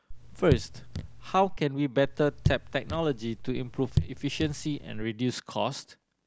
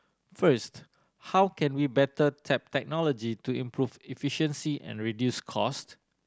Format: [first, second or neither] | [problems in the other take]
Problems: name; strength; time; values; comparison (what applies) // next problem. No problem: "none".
second | background sound (Raindrop / Drip); 3 dB below the speech